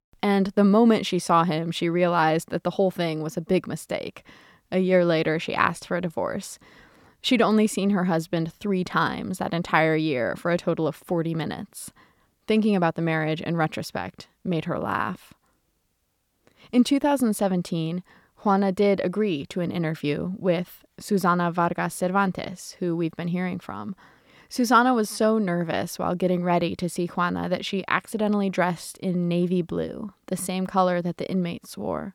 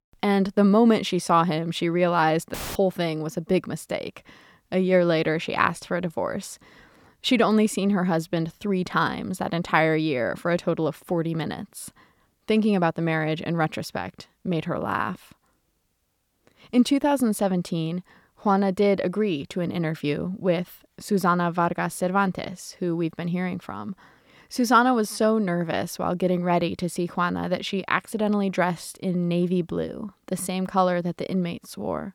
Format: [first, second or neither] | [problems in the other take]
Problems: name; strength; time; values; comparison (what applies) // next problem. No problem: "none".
first | audio cutting out; filled with static; at 2.5 s